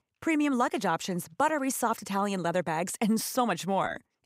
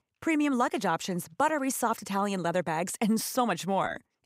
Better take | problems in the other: neither | none

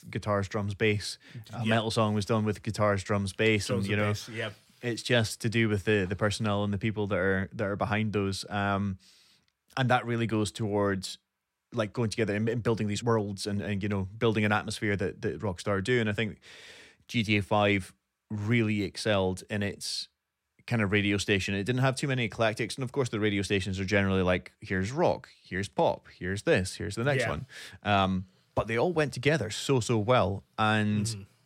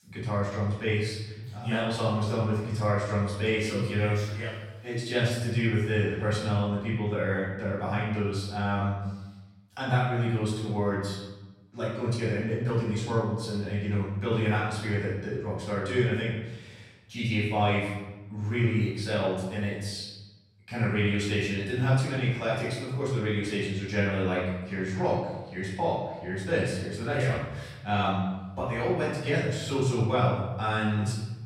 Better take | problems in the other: first | off-mic speech; far // room echo; noticeable; dies away in 1 s

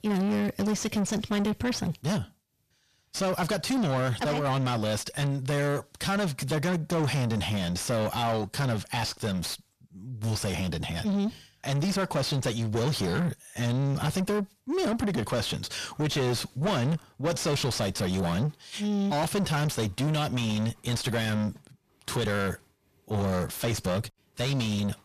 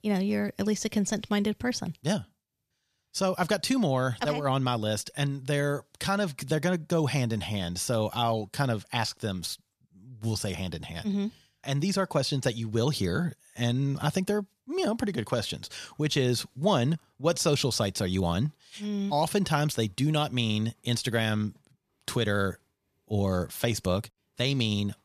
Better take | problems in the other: second | distortion; heavy; 6 dB below the speech

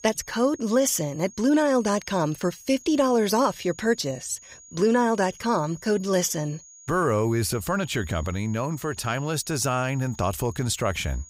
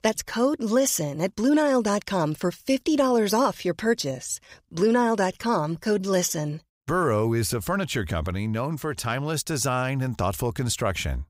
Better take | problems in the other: second | high-pitched whine; faint; throughout; 6.5 kHz, 20 dB below the speech

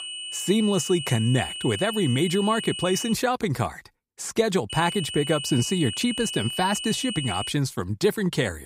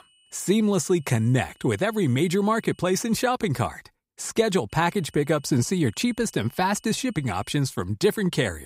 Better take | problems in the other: second | high-pitched whine; loud; until 3 s and from 4.5 to 7.5 s; 3 kHz, 6 dB below the speech; faint in the second

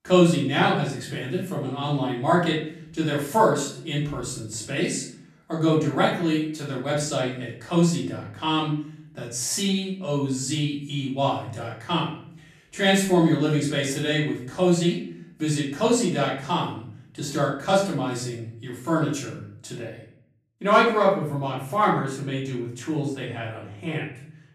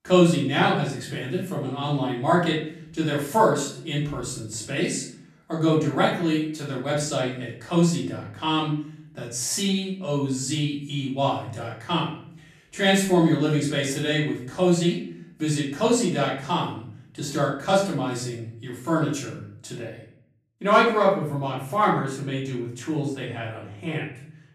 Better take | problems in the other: neither | off-mic speech; far; the same in both // room echo; noticeable; dies away in 0.5 s; the same in both

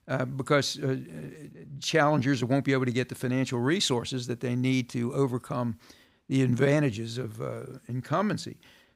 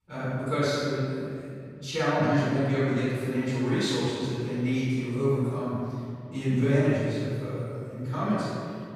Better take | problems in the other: first | off-mic speech; far // room echo; strong; dies away in 2.2 s

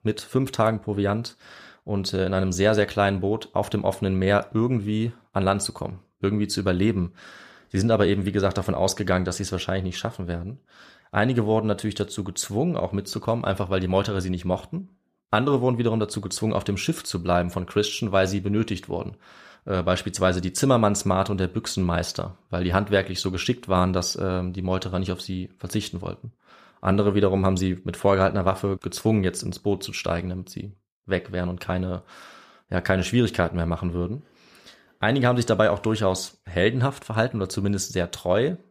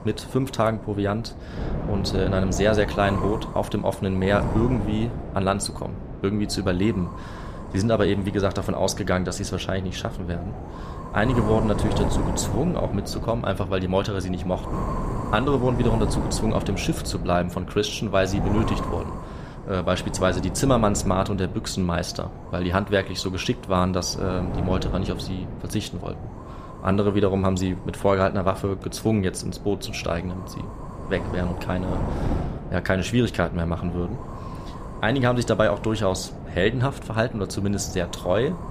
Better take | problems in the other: first | wind noise on the microphone; heavy; 10 dB below the speech

